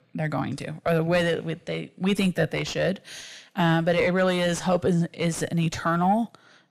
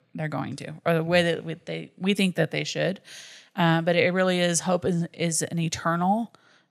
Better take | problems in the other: second | distortion; slight; 10 dB below the speech

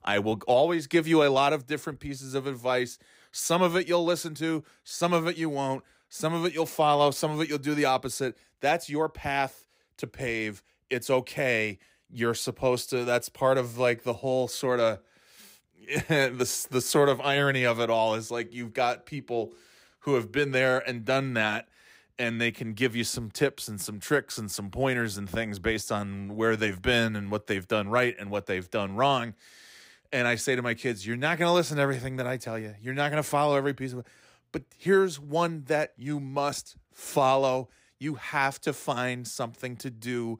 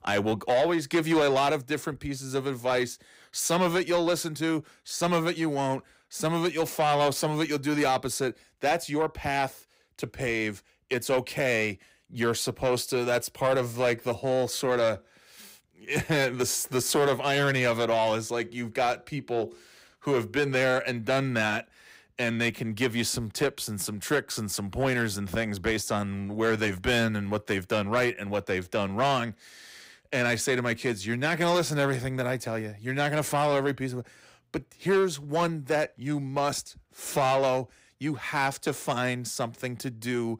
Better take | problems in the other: first | distortion; slight; 10 dB below the speech

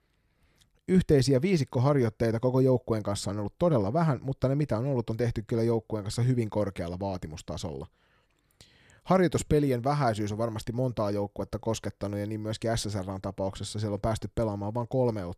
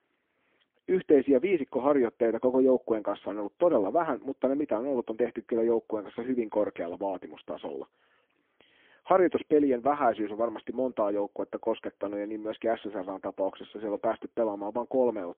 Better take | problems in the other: first | phone-call audio; poor line; nothing above 3.5 kHz

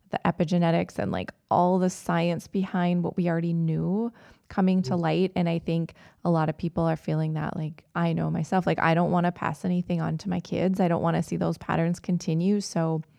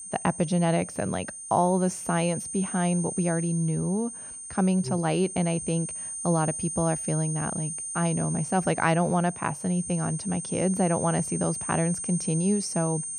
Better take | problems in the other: first | high-pitched whine; loud; throughout; 8.5 kHz, 6 dB below the speech

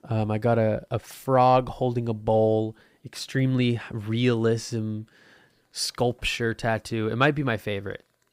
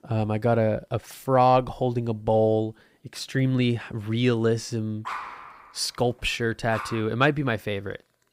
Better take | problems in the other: first | dog barking; noticeable; from 5 to 7 s; peak 9 dB below the speech

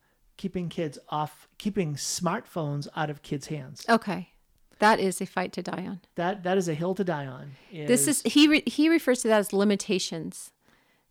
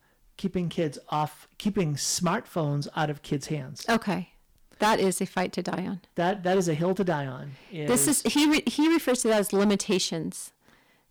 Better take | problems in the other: first | distortion; heavy; 8% of the sound clipped

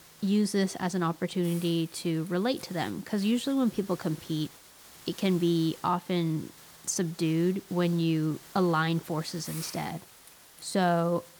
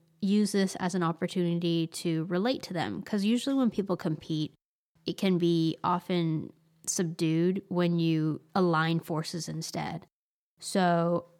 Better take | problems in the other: second | hiss; noticeable; throughout; 20 dB below the speech

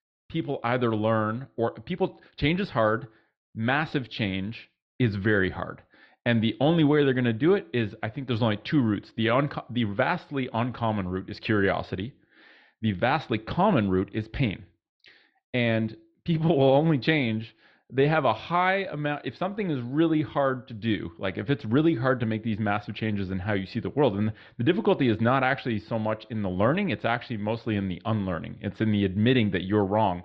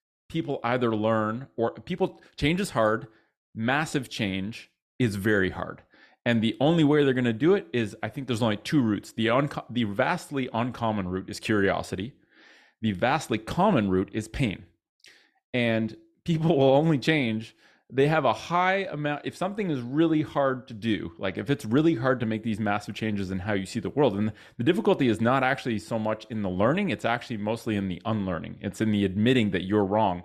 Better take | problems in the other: second | muffled; very slightly; fading above 4 kHz

